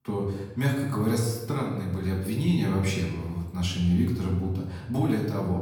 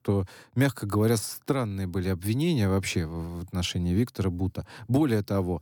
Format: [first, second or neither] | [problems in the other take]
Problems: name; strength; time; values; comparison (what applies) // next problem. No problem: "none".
second | off-mic speech; far // room echo; noticeable; dies away in 0.9 s